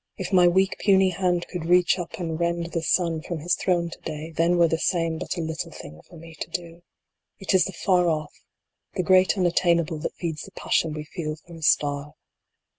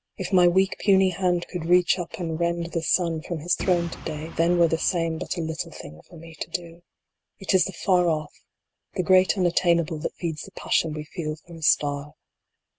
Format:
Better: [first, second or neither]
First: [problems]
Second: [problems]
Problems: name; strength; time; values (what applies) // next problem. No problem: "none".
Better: first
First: none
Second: background sound (Boom); 15 dB below the speech